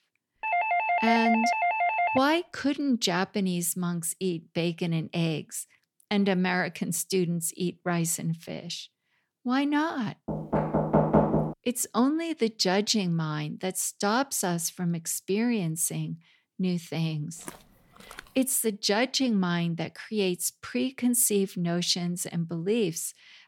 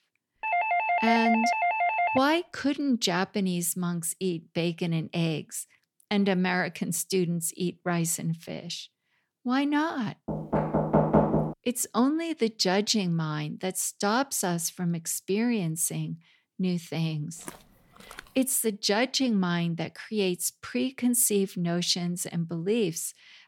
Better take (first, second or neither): neither